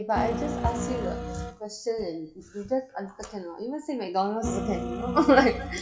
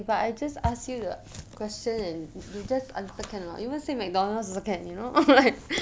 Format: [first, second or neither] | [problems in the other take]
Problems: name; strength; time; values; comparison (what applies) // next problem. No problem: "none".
second | noise reduction (classical method WPE with log-MMSE)